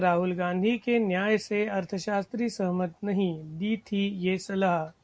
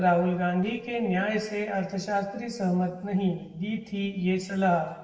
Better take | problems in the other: first | noise reduction (neural separator model SepFormer DNS4)

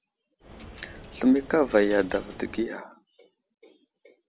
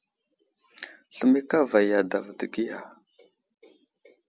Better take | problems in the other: second | background sound (Coin (dropping)); 16 dB below the speech

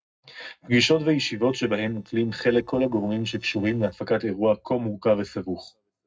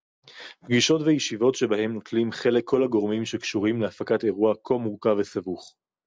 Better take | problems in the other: second | noise reduction (neural separator model SepFormer DNS4)

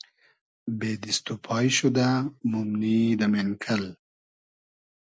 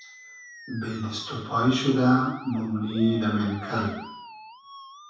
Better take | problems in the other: first | background sound (Musical instrument); 17 dB below the speech // room echo; dies away in 0.7 s

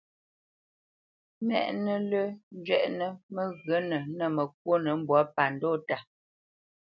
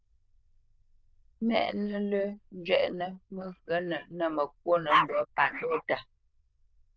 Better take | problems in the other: first | noise reduction (neural diffusion model UNIVERSE++)

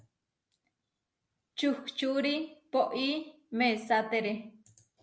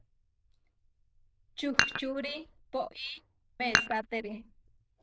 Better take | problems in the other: first | noise reduction (neural diffusion model UNIVERSE++)

